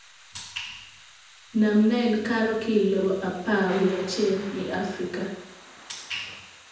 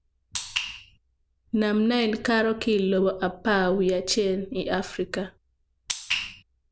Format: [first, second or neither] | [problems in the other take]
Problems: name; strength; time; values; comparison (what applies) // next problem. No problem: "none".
second | background sound (Thunder / Rain); 19 dB below the speech // room echo; dies away in 0.8 s